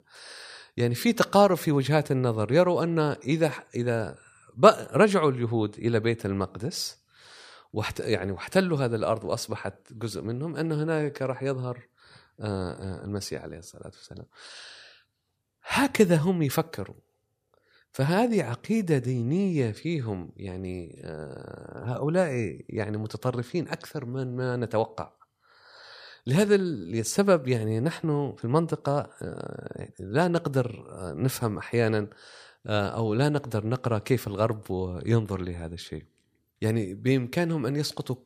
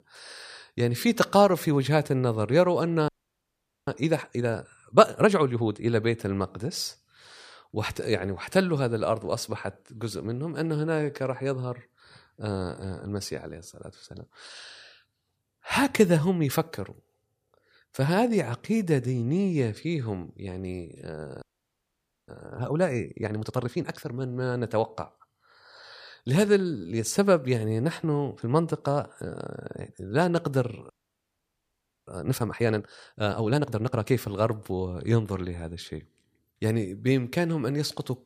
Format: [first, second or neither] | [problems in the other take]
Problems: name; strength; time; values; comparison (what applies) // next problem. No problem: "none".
first | audio freezing; at 3 s for 1 s, at 21 s for 1 s and at 31 s for 1 s